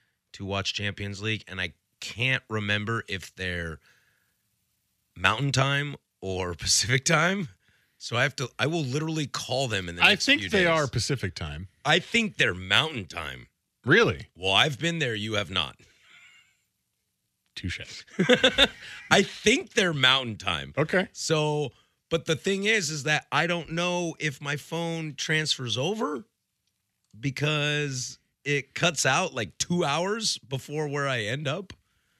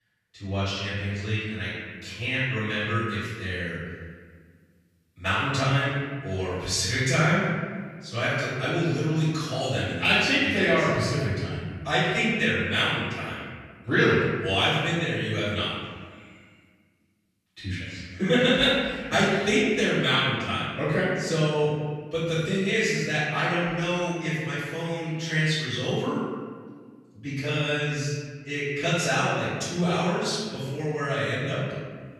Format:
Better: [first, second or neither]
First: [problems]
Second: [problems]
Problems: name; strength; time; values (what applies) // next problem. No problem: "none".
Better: first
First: none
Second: off-mic speech; far // room echo; strong; dies away in 1.6 s